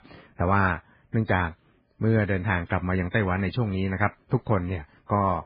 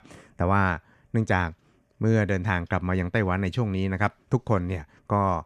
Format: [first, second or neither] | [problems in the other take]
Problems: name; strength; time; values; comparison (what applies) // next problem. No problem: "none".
second | garbled, watery; badly